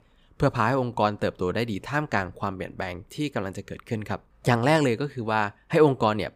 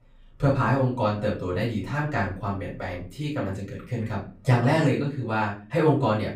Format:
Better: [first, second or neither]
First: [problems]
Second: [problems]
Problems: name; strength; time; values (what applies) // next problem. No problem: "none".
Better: first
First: none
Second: room echo; slight; dies away in 0.4 s // off-mic speech; far